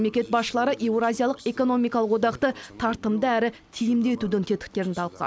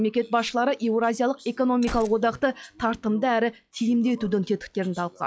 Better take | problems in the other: first | noise reduction (classical method log-MMSE)

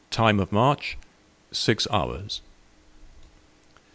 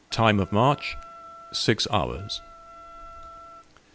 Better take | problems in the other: first | background sound (Wind instrument, woodwind instrument); 19 dB below the speech

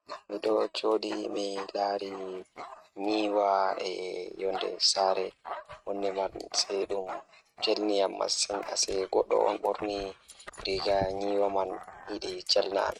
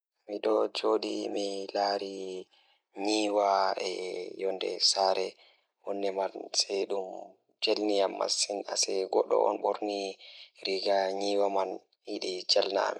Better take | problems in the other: second | noise reduction (neural mask model RNNoise)

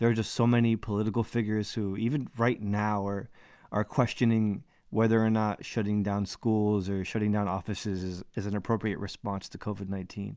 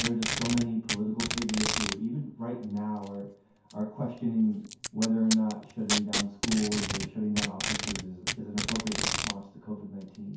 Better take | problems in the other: first | background sound (Packing tape, duct tape); 3 dB below the speech // room echo; dies away in 0.6 s

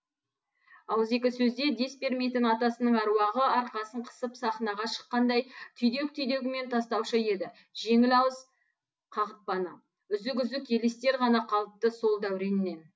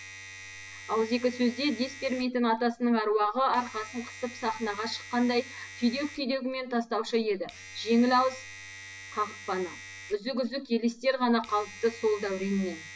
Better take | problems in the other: first | background sound (Domestic sounds, home sounds); 16 dB below the speech

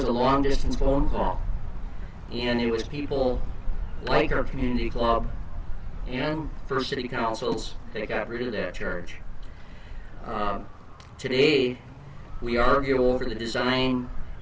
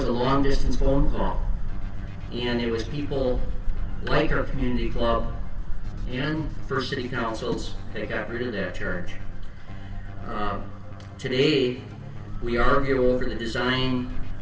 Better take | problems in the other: first | background sound (Keyboard (musical)); 18 dB below the speech // room echo; dies away in 1 s

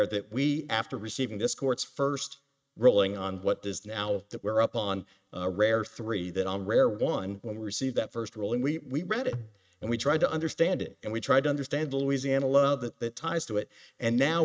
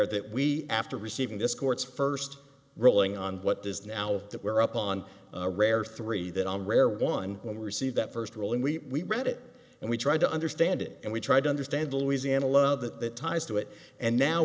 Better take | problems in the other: second | noise reduction (neural mask model RNNoise)

